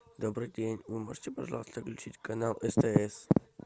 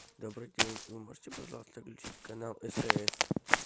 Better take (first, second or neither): first